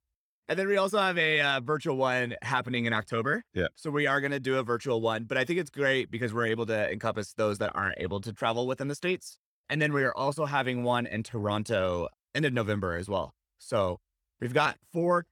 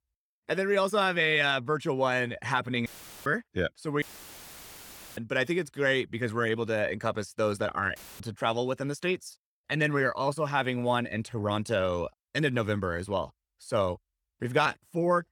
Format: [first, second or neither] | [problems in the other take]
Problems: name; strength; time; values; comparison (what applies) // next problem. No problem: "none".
first | audio cutting out; filled with static; at 3 s, at 4 s for 1 s and at 8 s